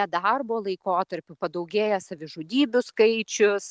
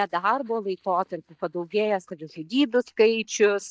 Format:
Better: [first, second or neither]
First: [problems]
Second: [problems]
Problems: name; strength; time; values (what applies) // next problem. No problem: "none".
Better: first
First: none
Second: noise reduction (neural mask model DeepFilterNet 3)